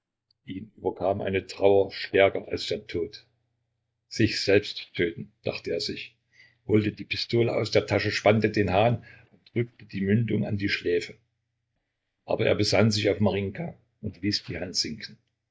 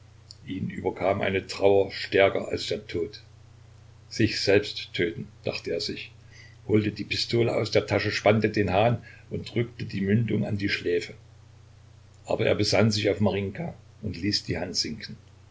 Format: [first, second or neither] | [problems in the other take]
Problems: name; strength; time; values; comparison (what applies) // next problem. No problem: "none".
second | noise reduction (neural mask model DeepFilterNet 3)